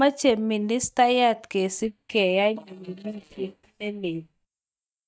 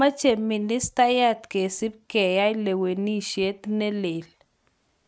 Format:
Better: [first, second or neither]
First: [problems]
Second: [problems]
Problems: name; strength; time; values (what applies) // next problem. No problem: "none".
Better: second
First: noise reduction (neural mask model DeepFilterNet 3)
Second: none